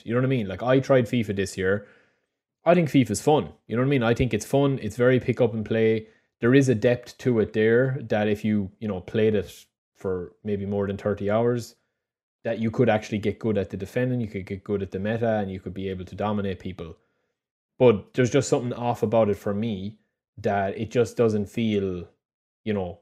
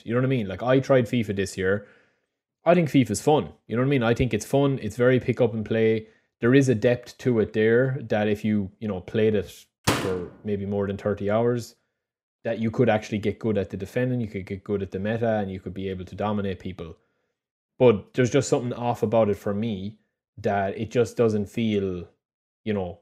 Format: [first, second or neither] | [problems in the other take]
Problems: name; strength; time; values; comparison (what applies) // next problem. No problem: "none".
first | door banging; noticeable; at 10 s; peak 1 dB below the speech